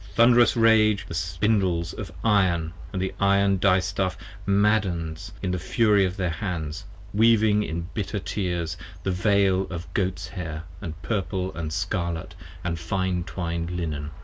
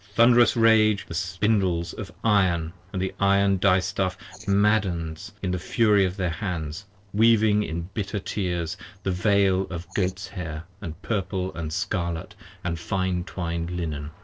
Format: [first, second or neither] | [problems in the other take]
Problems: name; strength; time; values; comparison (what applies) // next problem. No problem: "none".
first | noise reduction (neural separator model SepFormer DNS4)